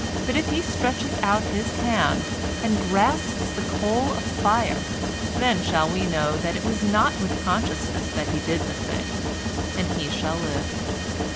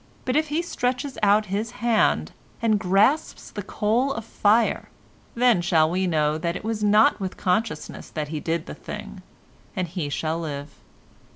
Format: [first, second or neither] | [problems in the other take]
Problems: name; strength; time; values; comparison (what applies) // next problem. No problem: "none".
second | background sound (Mechanisms); 1 dB below the speech